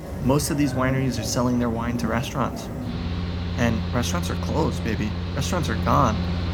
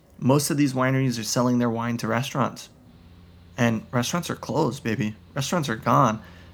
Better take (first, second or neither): second